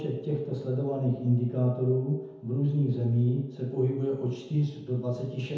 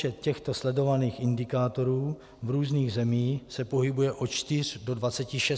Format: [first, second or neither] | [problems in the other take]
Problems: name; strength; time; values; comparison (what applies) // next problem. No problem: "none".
second | room echo; dies away in 1 s